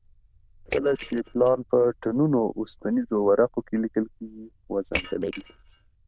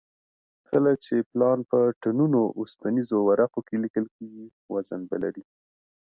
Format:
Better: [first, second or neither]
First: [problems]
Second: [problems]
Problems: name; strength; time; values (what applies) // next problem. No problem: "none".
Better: second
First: noise reduction (neural diffusion model UNIVERSE++)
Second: none